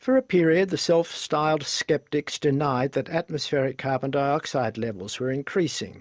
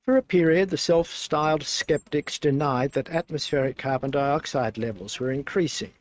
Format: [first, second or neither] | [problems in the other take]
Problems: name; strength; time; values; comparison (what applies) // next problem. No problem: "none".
first | noise reduction (neural mask model RNNoise)